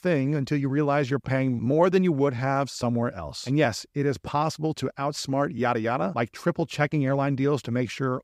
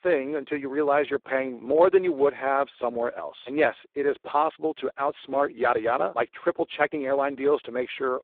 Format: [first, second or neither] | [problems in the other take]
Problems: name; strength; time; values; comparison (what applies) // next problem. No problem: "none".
first | phone-call audio; poor line; nothing above 3.5 kHz